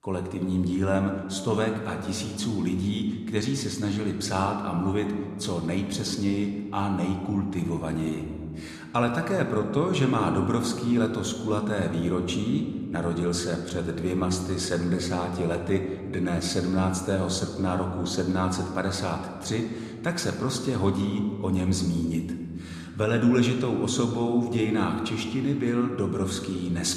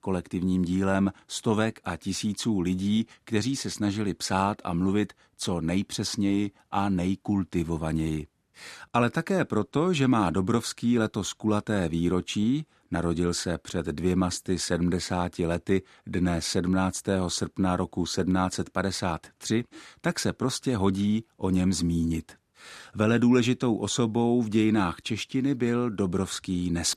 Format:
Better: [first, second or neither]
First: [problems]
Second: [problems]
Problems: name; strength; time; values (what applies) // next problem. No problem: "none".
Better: second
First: room echo; slight; dies away in 1.6 s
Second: none